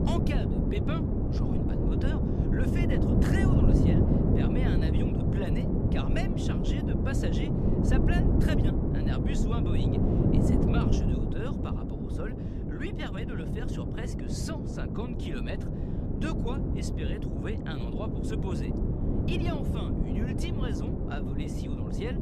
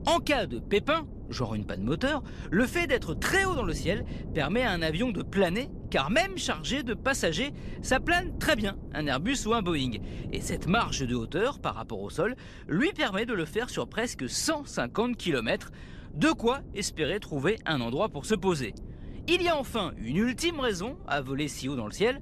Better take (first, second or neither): second